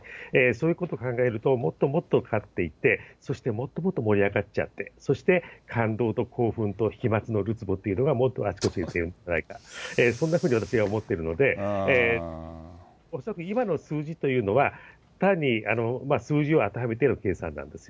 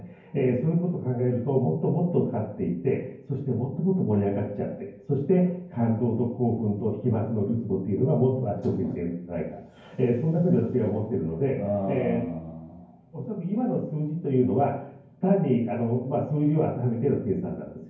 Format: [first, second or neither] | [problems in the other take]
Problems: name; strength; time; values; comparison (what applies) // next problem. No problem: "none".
first | room echo; dies away in 0.9 s